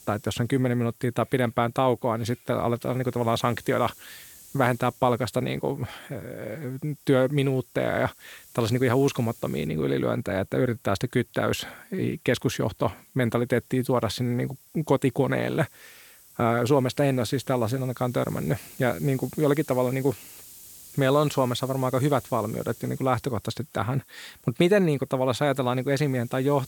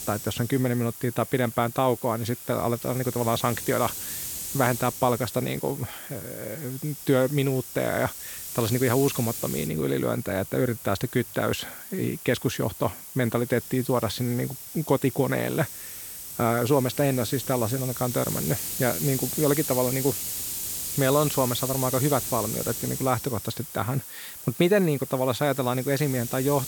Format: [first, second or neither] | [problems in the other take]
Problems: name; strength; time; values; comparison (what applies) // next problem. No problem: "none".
first | hiss; loud; throughout; 7 dB below the speech; faint in the first